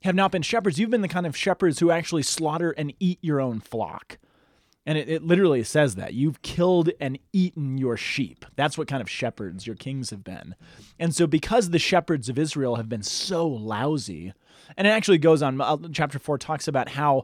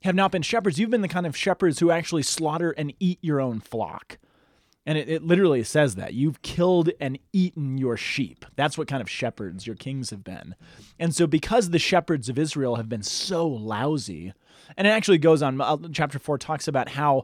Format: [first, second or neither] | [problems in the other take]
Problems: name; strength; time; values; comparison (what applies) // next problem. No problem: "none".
neither | none